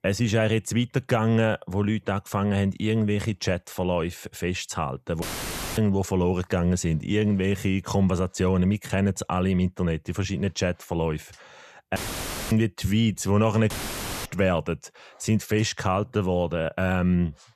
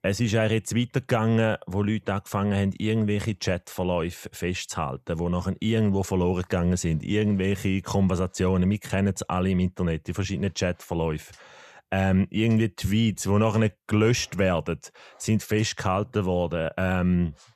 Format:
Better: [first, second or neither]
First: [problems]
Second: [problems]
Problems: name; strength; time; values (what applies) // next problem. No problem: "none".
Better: second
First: audio cutting out; filled with static; at 5 s for 0.5 s, at 12 s for 0.5 s and at 14 s for 0.5 s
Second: none